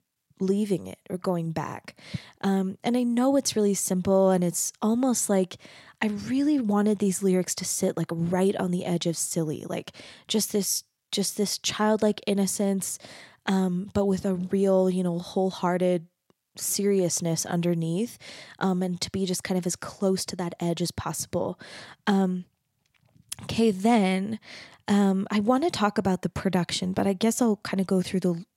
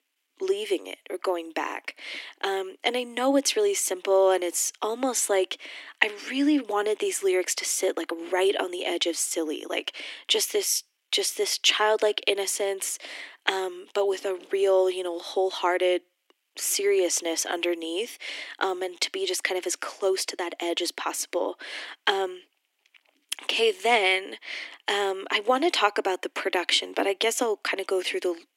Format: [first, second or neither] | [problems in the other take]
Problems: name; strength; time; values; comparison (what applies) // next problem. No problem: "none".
first | thin; somewhat; fading below 300 Hz